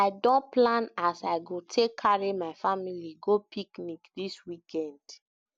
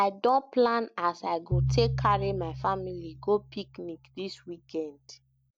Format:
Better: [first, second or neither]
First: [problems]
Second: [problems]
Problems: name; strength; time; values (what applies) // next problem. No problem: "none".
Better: first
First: none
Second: background sound (Piano); 5 dB below the speech